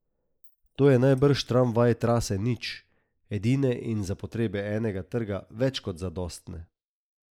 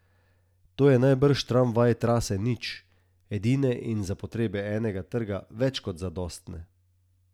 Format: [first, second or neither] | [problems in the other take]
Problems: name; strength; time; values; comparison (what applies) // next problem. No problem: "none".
second | noise reduction (neural mask model Resemble Enhance denoiser)